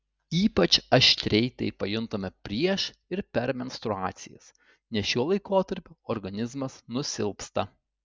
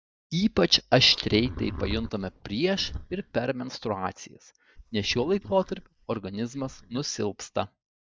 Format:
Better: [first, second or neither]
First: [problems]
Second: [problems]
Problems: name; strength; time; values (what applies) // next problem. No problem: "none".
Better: first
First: none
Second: noise reduction (neural mask model DeepFilterNet 3)